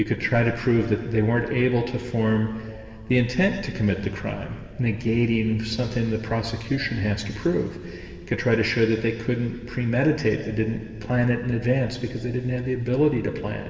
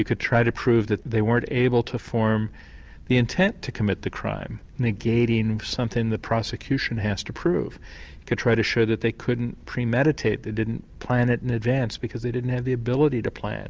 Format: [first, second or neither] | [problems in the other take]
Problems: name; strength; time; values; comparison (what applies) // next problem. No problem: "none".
second | room echo; dies away in 2.5 s